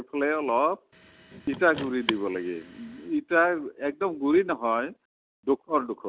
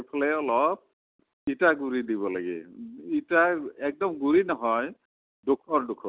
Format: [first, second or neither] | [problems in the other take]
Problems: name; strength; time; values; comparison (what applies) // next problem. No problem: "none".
second | background sound (Car); 12 dB below the speech